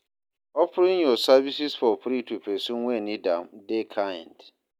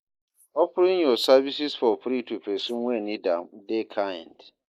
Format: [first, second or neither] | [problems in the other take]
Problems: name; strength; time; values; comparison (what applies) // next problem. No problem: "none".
first | noise reduction (neural mask model Resemble Enhance denoiser)